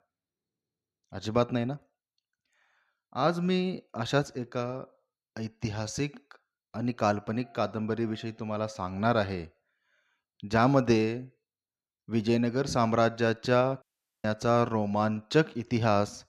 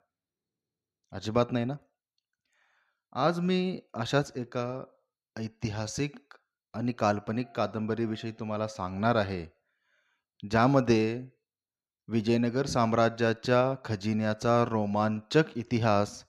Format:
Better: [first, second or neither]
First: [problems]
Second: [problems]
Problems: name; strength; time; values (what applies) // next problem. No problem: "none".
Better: second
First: audio cutting out; at 14 s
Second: none